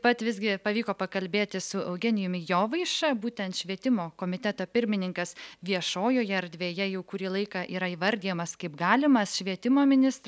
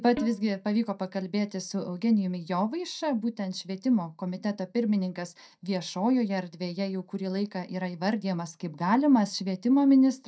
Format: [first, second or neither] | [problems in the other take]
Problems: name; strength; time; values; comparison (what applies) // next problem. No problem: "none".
first | noise reduction (neural mask model DeepFilterNet 3)